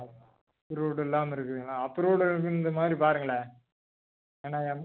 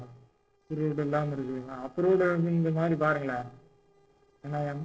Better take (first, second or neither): first